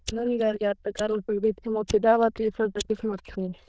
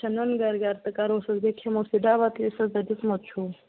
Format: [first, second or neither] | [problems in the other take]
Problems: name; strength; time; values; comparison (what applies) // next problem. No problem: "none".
second | noise reduction (neural diffusion model UNIVERSE++)